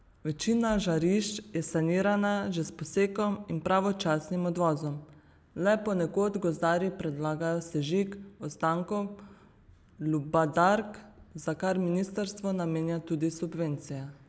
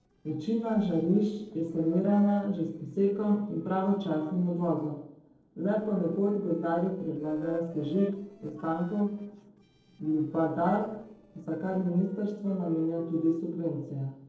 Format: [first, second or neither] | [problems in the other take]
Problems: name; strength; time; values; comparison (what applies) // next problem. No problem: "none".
first | noise reduction (neural separator model SepFormer DNS4)